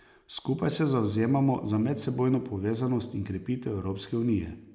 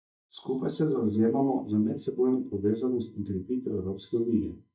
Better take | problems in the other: first | noise reduction (neural mask model DeepFilterNet 3)

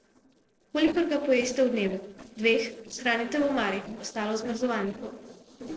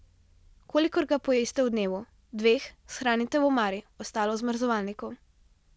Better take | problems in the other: second | noise reduction (neural separator model SepFormer DNS4)

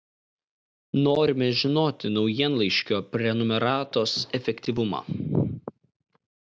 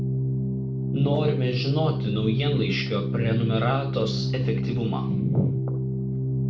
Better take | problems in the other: first | background sound (Organ); 2 dB above the speech // room echo; dies away in 0.4 s

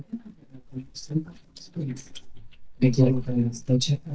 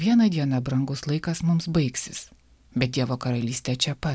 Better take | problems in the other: second | noise reduction (neural mask model DeepFilterNet 3)

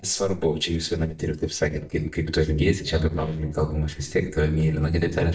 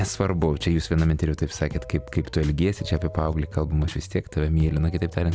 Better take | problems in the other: second | noise reduction (neural mask model DeepFilterNet 3)

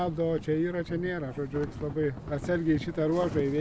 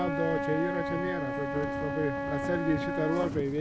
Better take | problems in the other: first | background sound (Wind instrument, woodwind instrument); 2 dB below the speech

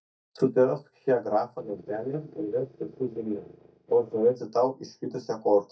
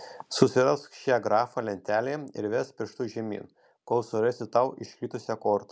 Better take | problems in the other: second | noise reduction (neural mask model DeepFilterNet 3)

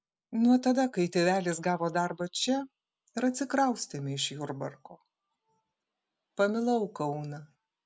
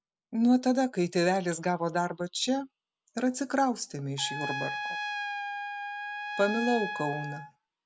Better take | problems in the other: first | background sound (Trumpet); 6 dB below the speech

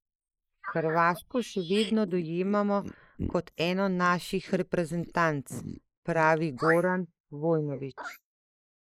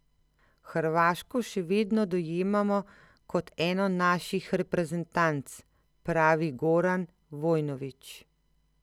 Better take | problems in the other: second | noise reduction (neural mask model Resemble Enhance denoiser)

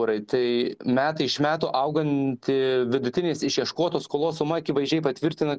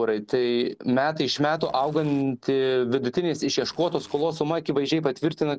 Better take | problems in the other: first | noise reduction (neural separator model SepFormer DNS4)

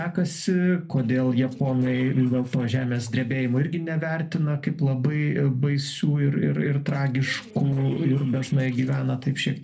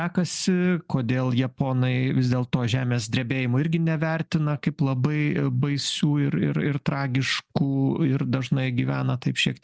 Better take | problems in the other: second | noise reduction (neural separator model SepFormer DNS4)

